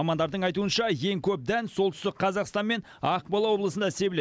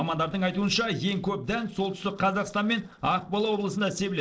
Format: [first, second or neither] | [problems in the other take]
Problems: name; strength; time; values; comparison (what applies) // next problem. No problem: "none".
first | noise reduction (neural separator model SepFormer DNS4)